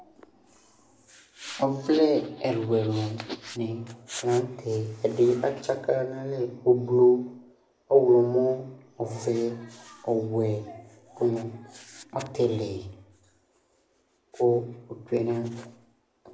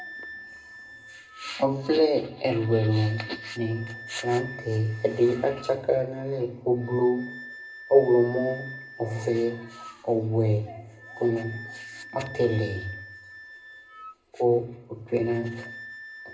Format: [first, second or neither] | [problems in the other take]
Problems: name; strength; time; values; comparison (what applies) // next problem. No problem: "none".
first | background sound (Wind instrument, woodwind instrument); 17 dB below the speech // room echo; dies away in 0.2 s